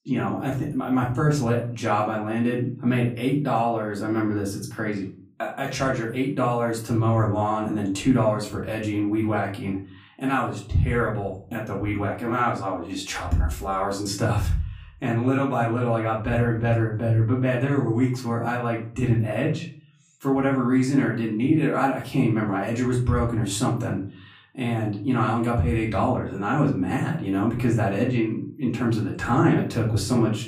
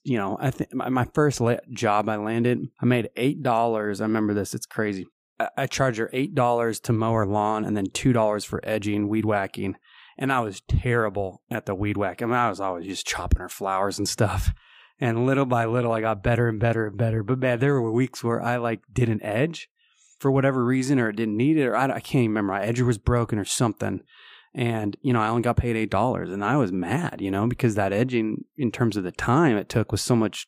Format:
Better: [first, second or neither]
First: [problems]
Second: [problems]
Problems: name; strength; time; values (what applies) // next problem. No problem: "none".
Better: second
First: off-mic speech; far // room echo; slight; dies away in 0.4 s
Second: none